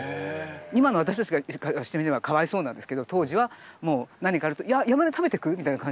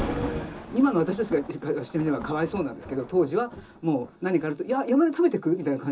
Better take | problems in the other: first | background sound (Thunder); 13 dB below the speech // room echo; dies away in 0.2 s

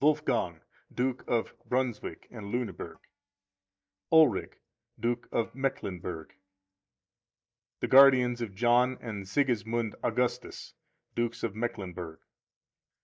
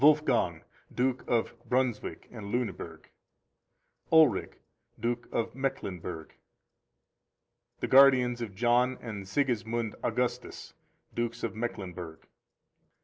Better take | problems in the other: second | noise reduction (neural mask model DeepFilterNet 3)

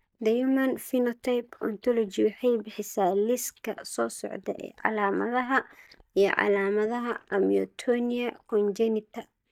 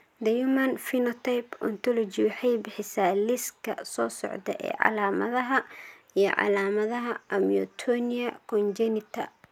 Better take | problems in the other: second | noise reduction (neural mask model DeepFilterNet 3)

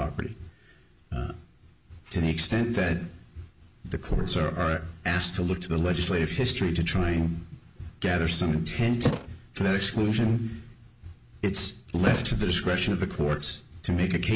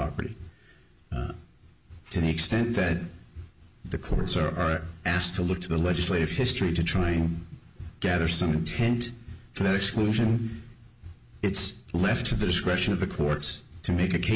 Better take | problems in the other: second | background sound (Thump, thud); 6 dB below the speech

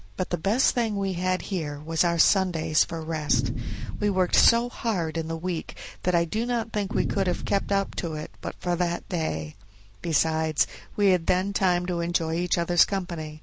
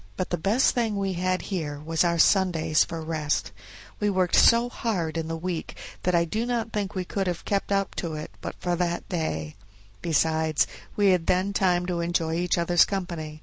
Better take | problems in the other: second | background sound (Boom); 5 dB below the speech

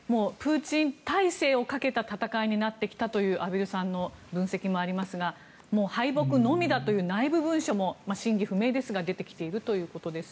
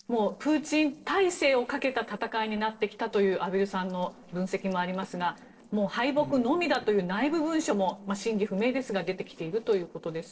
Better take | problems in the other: first | noise reduction (neural separator model SepFormer DNS4)

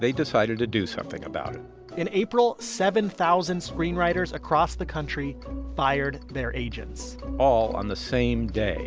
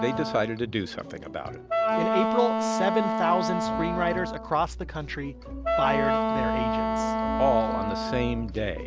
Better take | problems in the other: first | background sound (Wind instrument, woodwind instrument); 1 dB above the speech

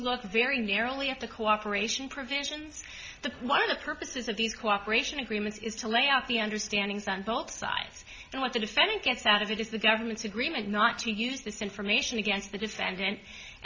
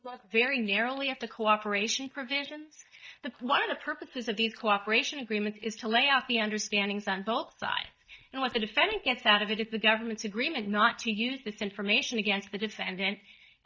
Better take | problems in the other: first | noise reduction (neural mask model DeepFilterNet 3)

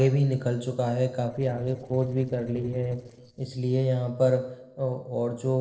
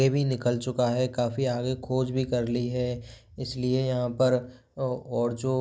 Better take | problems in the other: second | noise reduction (neural separator model SepFormer DNS4)

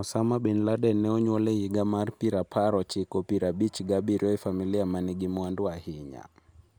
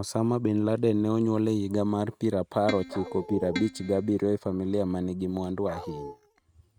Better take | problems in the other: first | noise reduction (neural mask model RNNoise)

